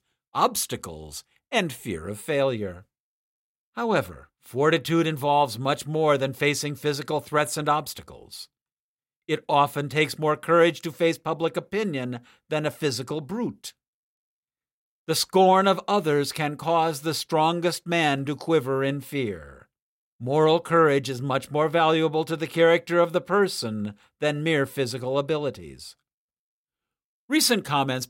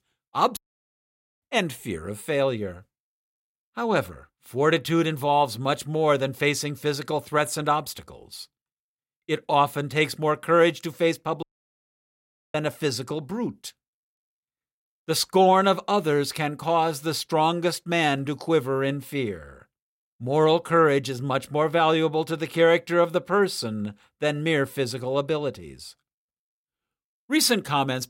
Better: first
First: none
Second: audio cutting out; at 0.5 s for 1 s and at 11 s for 1 s

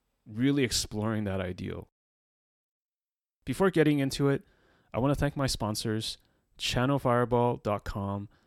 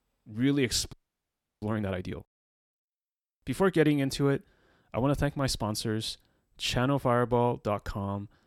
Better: first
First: none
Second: audio freezing; at 1 s for 0.5 s

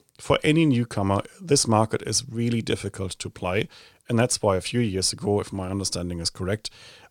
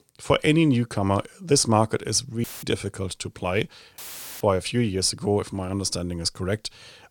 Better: first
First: none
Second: audio cutting out; filled with static; at 2.5 s and at 4 s

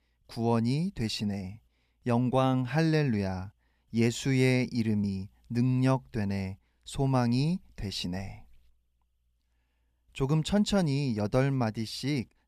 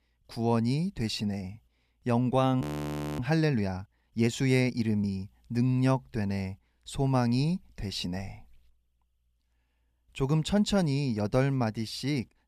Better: first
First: none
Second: audio freezing; at 2.5 s for 0.5 s

